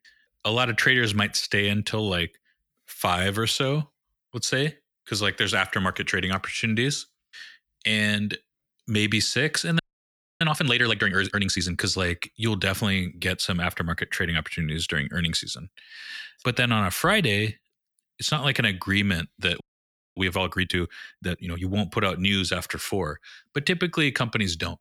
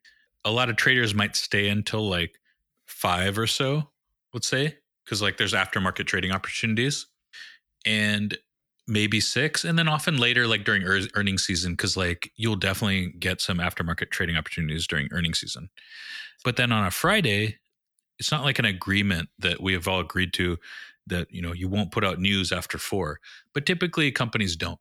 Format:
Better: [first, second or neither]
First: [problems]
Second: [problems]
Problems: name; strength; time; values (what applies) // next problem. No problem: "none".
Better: second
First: audio freezing; at 10 s for 0.5 s and at 20 s for 0.5 s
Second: none